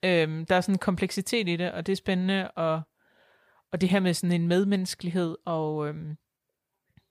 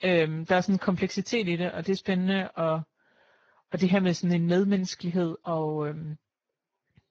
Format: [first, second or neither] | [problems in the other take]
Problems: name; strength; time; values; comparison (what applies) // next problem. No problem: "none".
first | garbled, watery; badly